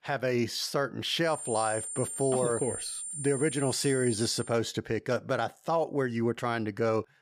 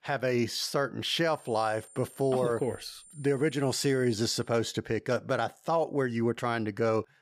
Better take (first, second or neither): second